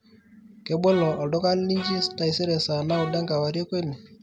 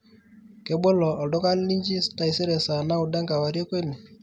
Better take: second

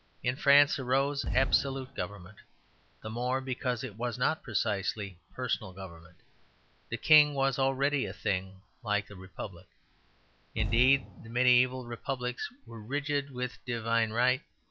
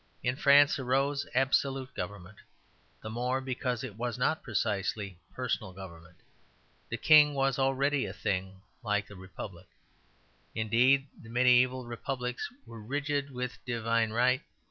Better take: second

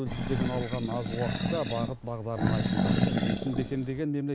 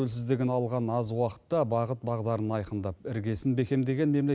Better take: second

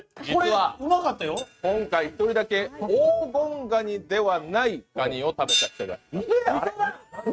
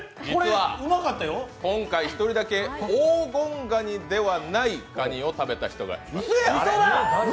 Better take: second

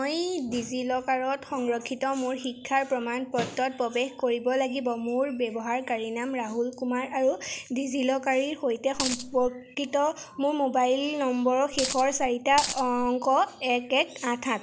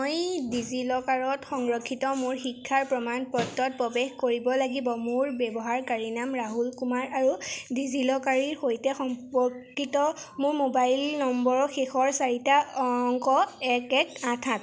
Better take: second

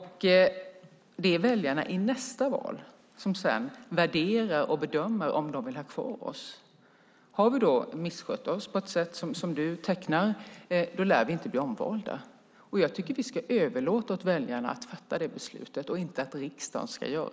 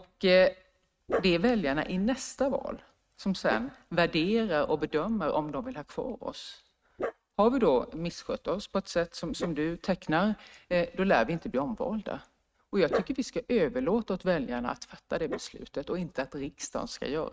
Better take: first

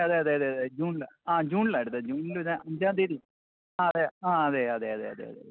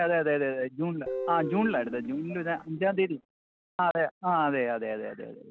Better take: first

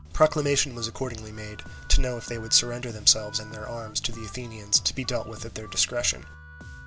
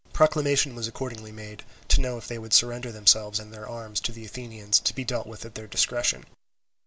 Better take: second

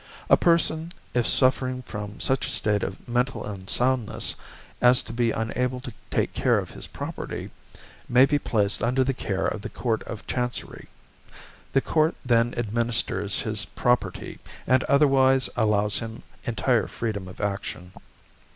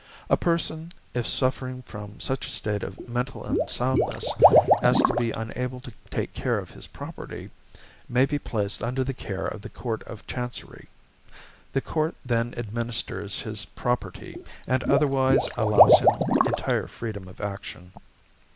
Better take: first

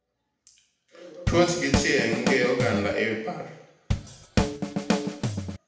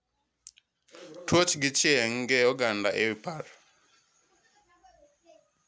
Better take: second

